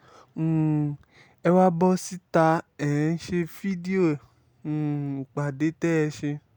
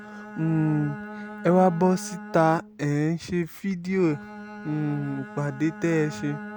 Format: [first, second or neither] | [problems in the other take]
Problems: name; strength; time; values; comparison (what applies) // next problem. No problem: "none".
first | background sound (Bowed string instrument); 14 dB below the speech